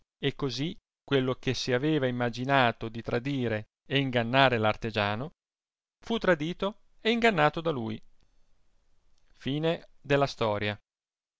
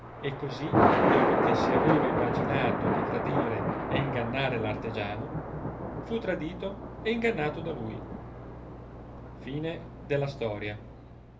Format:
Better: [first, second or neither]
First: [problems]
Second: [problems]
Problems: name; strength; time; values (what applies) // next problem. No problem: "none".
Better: first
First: none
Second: background sound (Thunder); 4 dB above the speech // room echo; dies away in 0.3 s